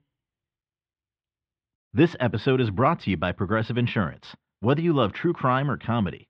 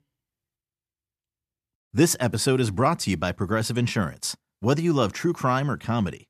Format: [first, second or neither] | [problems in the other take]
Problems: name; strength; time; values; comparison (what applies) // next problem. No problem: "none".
second | muffled; very; fading above 3.5 kHz